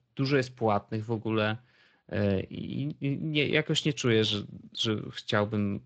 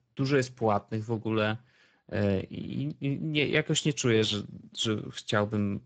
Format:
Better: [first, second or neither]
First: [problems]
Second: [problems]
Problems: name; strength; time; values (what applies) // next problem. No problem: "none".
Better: first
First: garbled, watery; slightly; nothing above 7.5 kHz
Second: garbled, watery; badly; nothing above 7.5 kHz